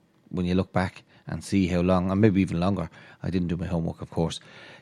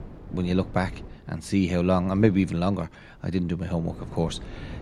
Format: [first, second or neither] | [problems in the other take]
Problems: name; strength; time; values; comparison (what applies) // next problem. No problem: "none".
first | wind noise on the microphone; occasional gusts; 20 dB below the speech